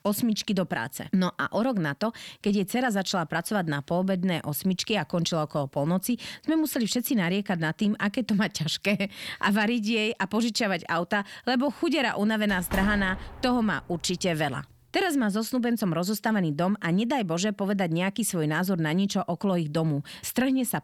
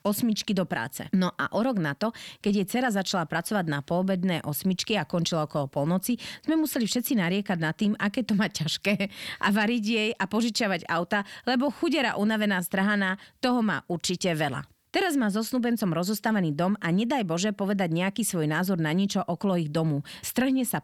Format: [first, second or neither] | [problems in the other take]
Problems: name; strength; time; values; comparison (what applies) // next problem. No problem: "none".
second | door banging; noticeable; from 12 to 14 s; peak 8 dB below the speech